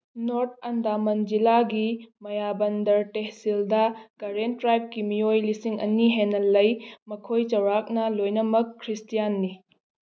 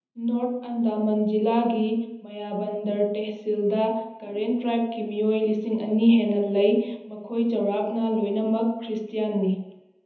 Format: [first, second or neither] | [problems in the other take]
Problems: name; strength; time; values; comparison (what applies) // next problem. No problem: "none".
first | room echo; dies away in 0.9 s